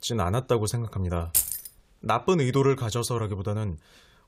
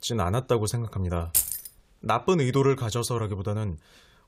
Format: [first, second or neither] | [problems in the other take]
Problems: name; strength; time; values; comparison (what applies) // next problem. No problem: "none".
neither | jangling keys; loud; at 1.5 s; peak 3 dB above the speech; the same in both